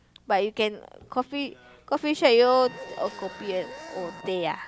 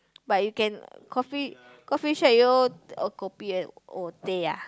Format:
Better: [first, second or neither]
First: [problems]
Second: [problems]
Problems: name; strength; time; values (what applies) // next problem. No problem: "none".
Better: second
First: background sound (Trumpet + Zipper (clothing)); 19 dB below the speech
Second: none